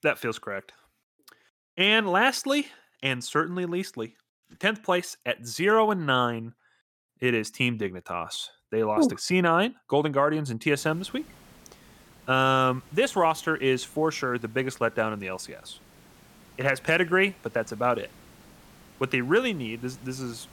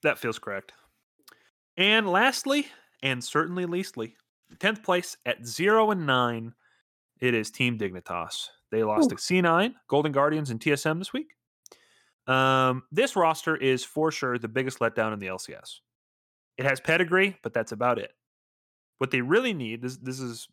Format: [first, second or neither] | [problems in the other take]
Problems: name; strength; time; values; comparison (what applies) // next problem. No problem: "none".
second | hiss; faint; from 11 s on; 25 dB below the speech